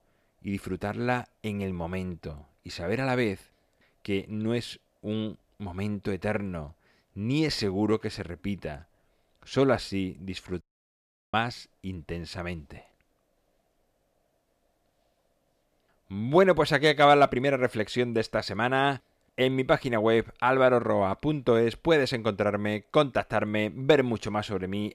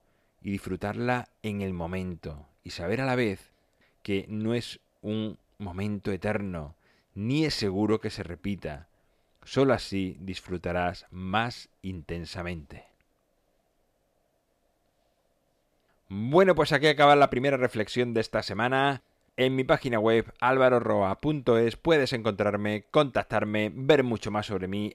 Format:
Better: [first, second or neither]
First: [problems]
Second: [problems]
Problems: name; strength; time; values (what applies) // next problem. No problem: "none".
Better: second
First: audio cutting out; at 11 s for 0.5 s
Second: none